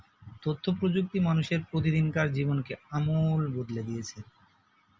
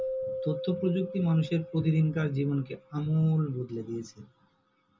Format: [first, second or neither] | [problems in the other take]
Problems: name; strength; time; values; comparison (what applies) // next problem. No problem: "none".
first | background sound (Keyboard (musical)); 11 dB below the speech // room echo; dies away in 0.2 s